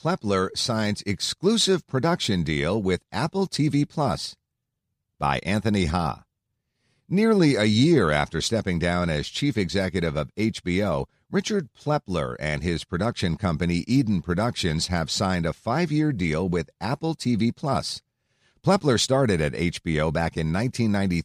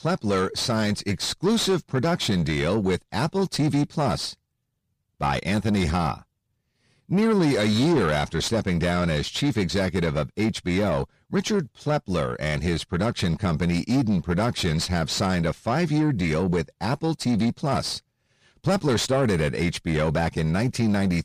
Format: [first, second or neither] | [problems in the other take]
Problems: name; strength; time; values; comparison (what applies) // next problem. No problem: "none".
first | distortion; slight; 10 dB below the speech